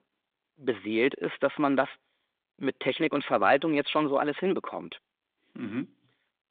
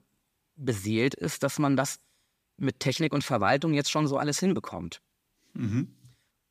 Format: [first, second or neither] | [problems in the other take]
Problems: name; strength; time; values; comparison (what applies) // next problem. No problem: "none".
second | phone-call audio; nothing above 3.5 kHz